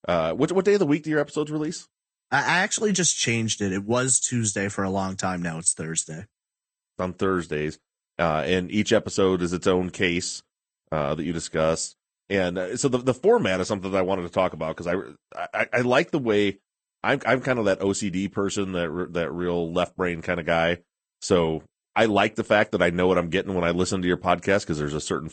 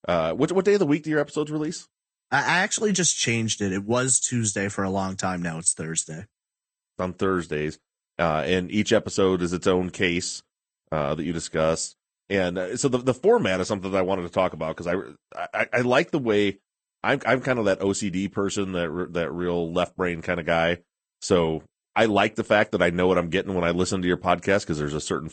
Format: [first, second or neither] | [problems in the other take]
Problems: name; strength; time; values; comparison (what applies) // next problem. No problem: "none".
neither | garbled, watery; slightly; nothing above 8.5 kHz; the same in both